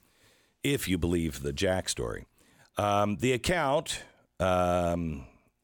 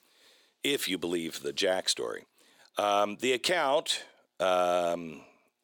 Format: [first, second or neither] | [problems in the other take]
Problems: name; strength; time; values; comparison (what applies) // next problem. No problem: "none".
first | thin; somewhat; fading below 400 Hz